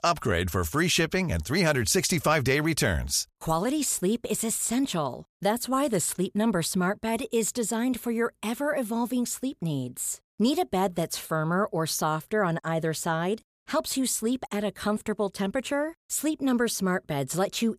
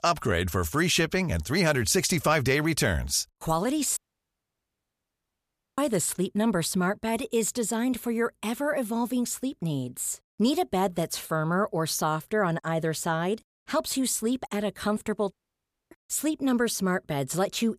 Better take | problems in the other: first | audio cutting out; at 4 s for 2 s and at 15 s for 0.5 s

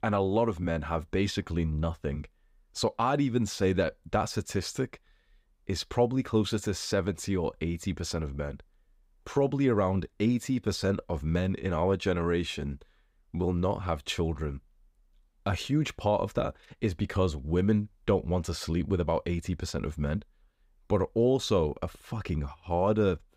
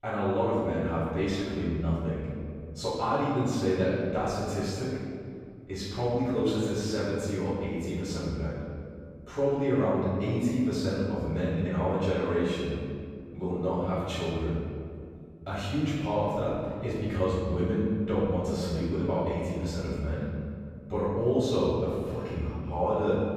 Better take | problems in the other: first | off-mic speech; far // room echo; strong; dies away in 2.1 s

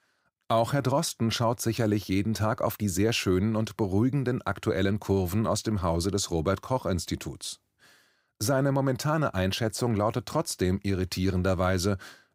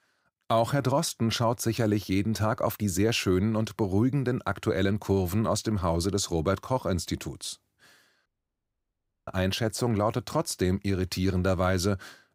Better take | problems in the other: first | audio cutting out; at 8.5 s for 1 s

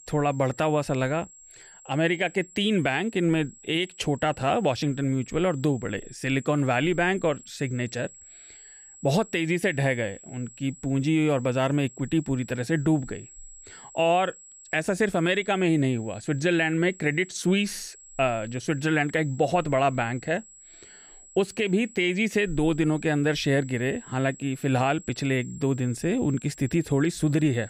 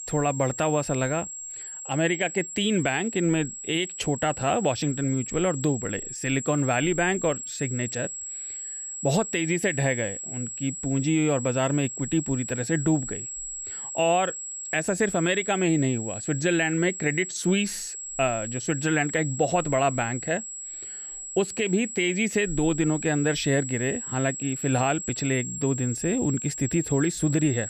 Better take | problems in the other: first | high-pitched whine; loud; throughout; 7.5 kHz, 7 dB below the speech; faint in the first

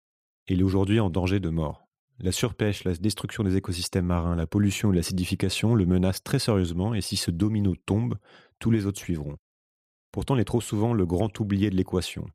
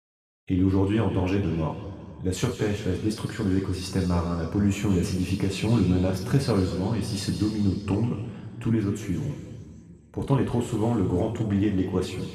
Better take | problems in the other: first | room echo; noticeable; dies away in 2.1 s // off-mic speech; far

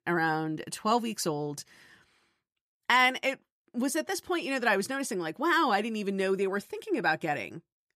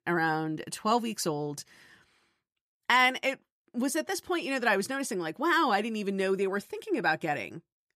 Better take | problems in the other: neither | none

